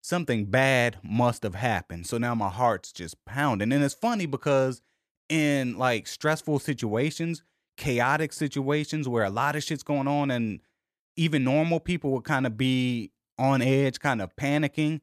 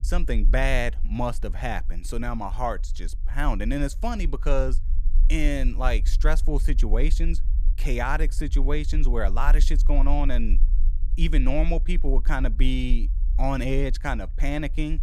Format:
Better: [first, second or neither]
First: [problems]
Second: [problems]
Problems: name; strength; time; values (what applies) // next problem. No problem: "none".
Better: first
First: none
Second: low rumble; faint; throughout; 20 dB below the speech